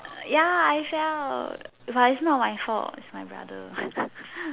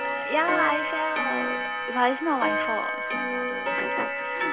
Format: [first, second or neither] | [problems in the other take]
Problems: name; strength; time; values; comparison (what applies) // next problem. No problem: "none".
first | background sound (Clock); 1 dB above the speech